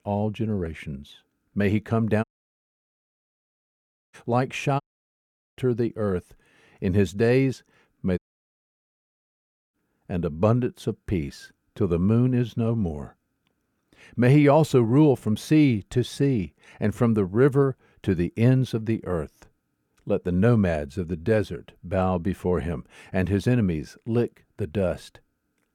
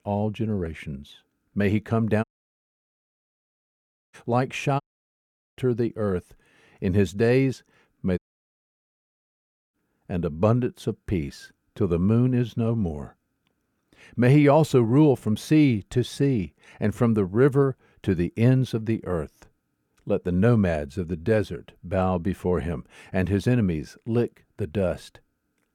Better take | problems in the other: neither | audio cutting out; at 2 s for 2 s, at 5 s for 1 s and at 8 s for 1.5 s; the same in both

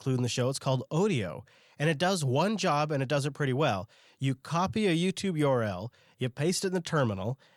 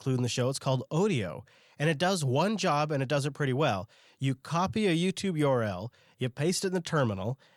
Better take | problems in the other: neither | none

